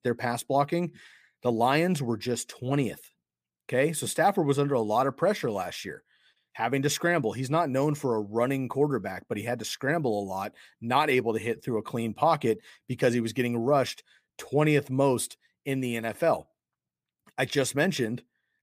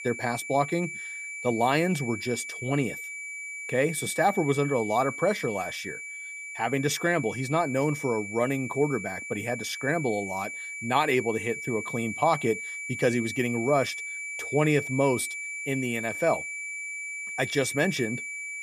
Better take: first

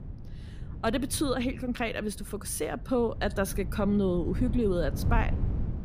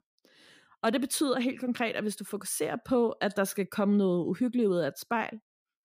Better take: second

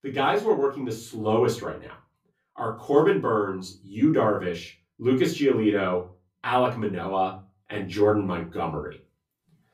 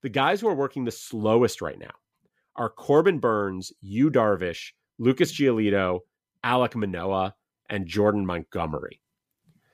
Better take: second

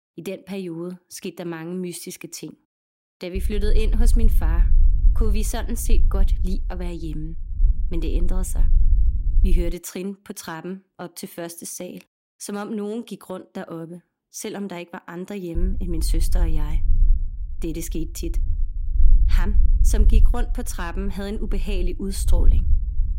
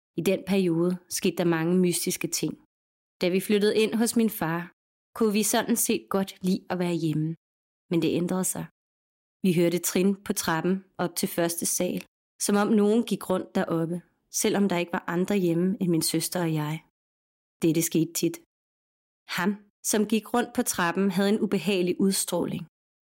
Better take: second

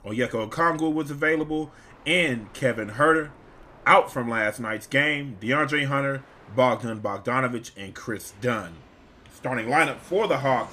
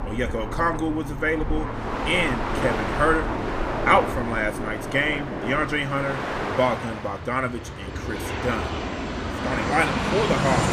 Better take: first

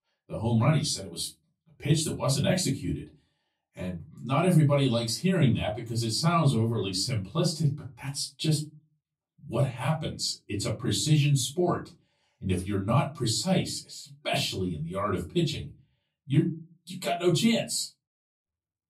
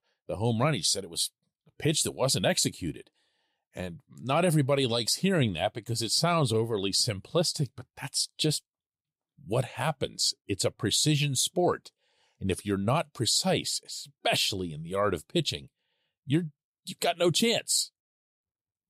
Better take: second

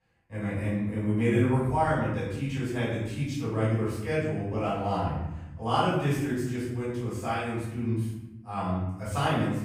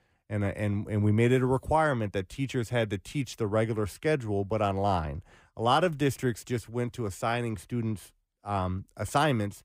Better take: second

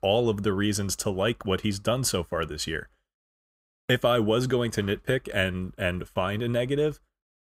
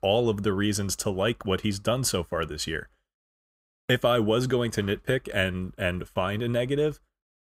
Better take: neither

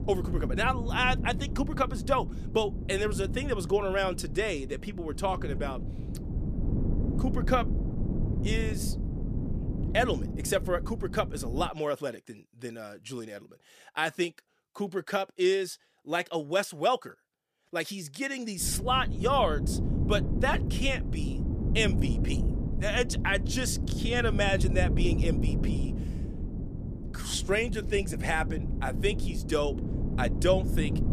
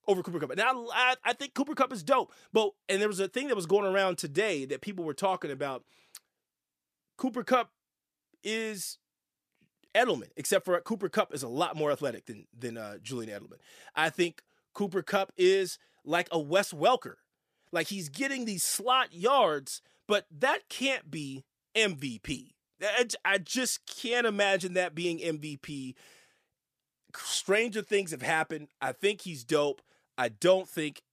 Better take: second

